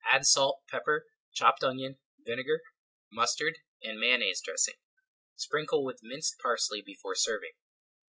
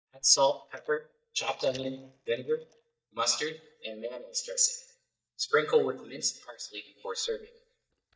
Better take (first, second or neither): first